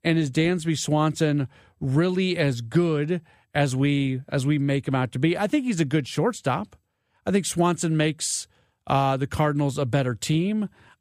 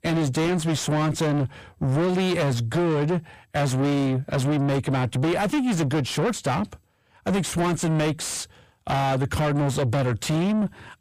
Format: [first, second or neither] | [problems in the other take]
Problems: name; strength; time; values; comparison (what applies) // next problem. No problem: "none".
first | distortion; heavy; 6 dB below the speech